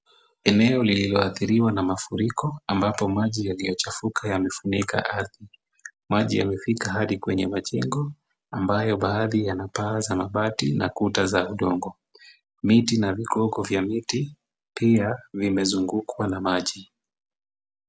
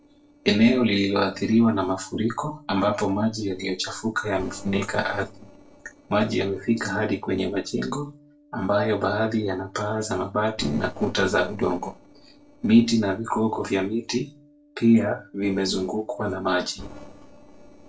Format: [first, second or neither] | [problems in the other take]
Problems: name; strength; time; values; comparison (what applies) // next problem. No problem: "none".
first | noise reduction (neural separator model SepFormer DNS4)